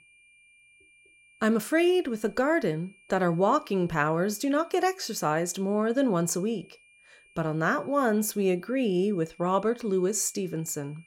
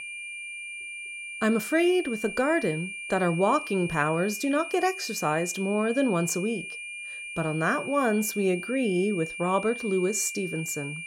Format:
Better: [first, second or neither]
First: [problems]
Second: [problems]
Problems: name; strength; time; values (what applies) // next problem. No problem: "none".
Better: first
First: high-pitched whine; faint; throughout; 2.5 kHz, 30 dB below the speech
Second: high-pitched whine; loud; throughout; 2.5 kHz, 8 dB below the speech